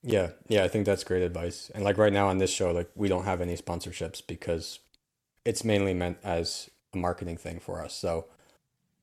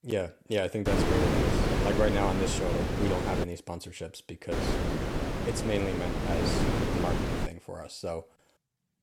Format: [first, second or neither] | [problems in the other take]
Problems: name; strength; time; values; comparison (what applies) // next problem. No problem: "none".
first | wind noise on the microphone; heavy; from 1 to 3.5 s and from 4.5 to 7.5 s; 1 dB above the speech